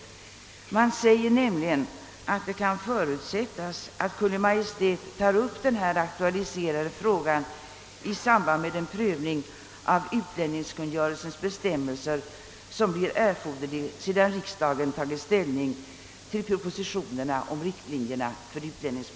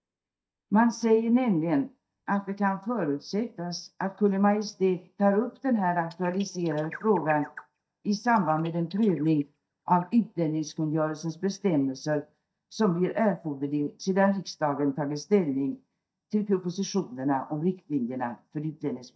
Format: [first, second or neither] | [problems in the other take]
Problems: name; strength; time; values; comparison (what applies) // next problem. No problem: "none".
first | noise reduction (neural mask model DeepFilterNet 3)